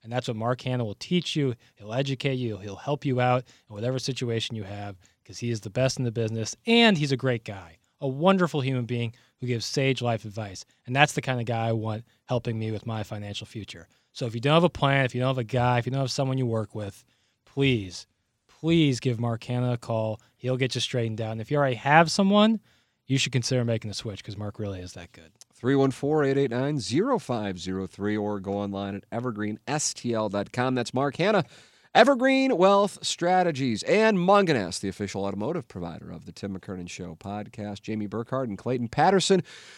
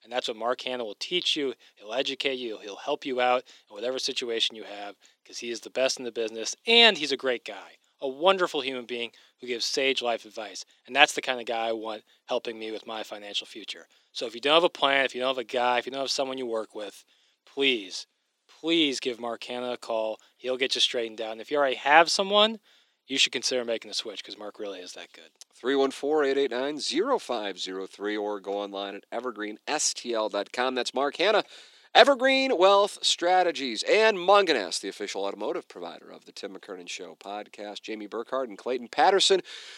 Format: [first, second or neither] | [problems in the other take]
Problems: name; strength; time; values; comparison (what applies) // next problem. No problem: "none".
first | thin; somewhat; fading below 300 Hz